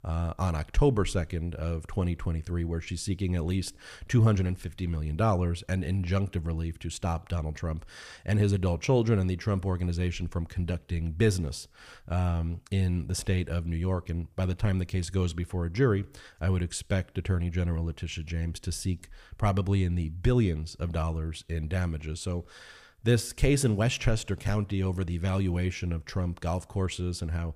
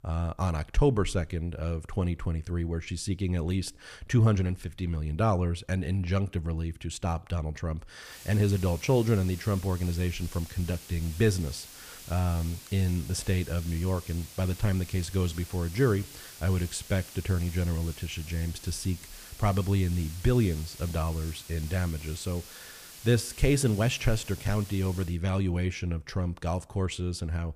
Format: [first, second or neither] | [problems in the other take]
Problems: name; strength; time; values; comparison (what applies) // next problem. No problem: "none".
first | hiss; noticeable; from 8 to 25 s; 15 dB below the speech